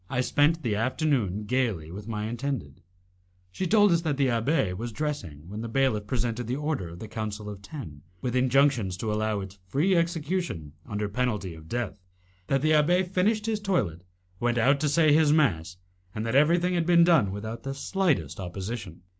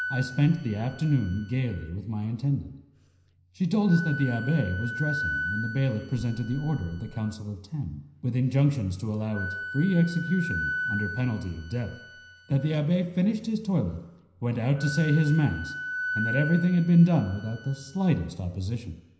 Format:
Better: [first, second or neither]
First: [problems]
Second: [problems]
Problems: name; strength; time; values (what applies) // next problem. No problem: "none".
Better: first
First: none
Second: background sound (Wind instrument, woodwind instrument); 11 dB below the speech // room echo; dies away in 0.9 s